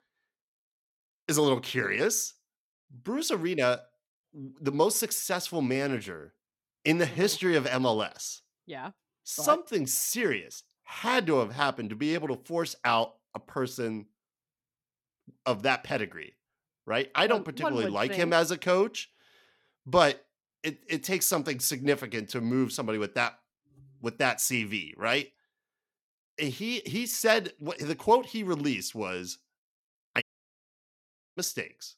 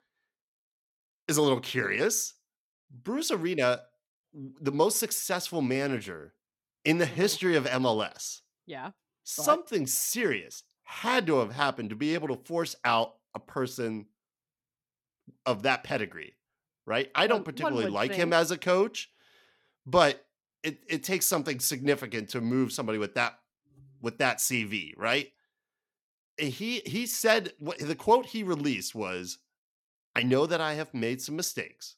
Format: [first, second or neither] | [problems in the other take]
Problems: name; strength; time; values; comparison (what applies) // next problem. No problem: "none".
second | audio cutting out; at 30 s for 1 s